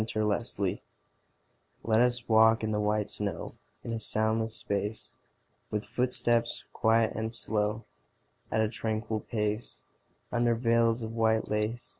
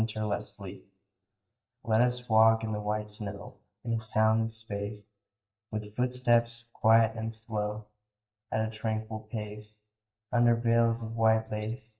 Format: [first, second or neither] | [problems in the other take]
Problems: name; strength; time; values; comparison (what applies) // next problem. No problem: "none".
first | noise reduction (neural mask model DeepFilterNet 3)